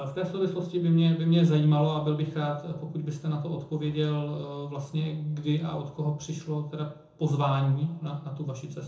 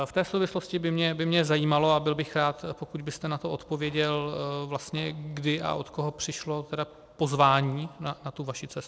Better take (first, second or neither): second